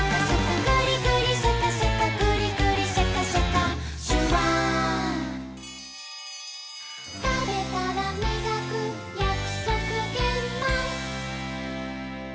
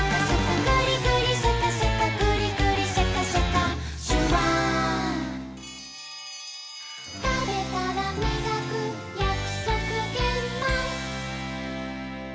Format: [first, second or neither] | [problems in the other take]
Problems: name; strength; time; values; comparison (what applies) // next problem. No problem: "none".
first | background sound (Piano); 17 dB below the speech